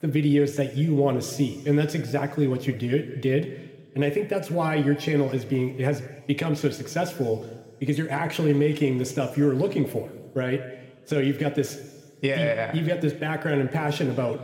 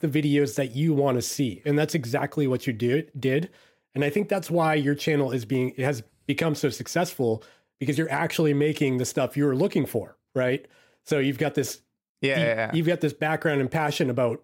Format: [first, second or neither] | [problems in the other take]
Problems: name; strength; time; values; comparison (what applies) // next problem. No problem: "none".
second | room echo; slight; dies away in 1.8 s